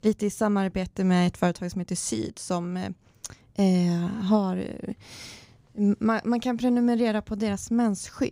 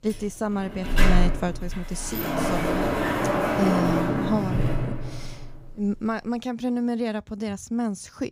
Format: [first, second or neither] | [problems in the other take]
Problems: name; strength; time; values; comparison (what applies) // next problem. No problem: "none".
first | door banging; loud; from 1 to 5 s; peak 5 dB above the speech